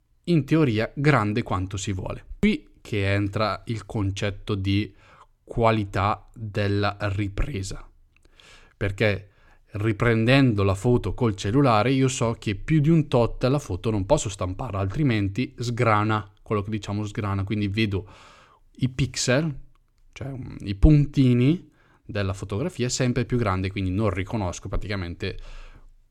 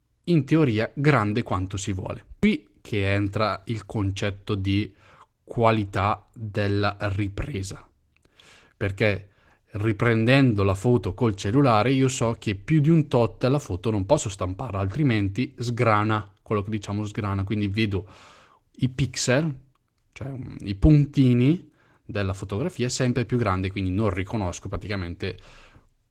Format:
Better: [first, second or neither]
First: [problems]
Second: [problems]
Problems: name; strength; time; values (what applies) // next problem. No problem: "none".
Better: first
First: none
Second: garbled, watery; slightly; nothing above 17.5 kHz